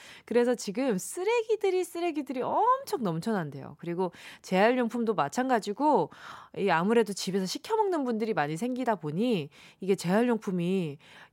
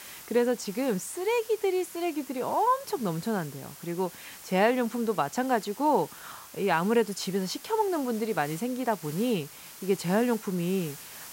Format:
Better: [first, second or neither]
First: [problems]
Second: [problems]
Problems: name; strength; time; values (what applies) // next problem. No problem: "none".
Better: first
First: none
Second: hiss; noticeable; throughout; 15 dB below the speech